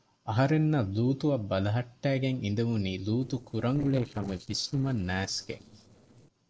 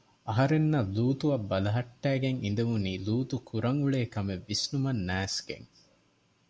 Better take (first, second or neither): second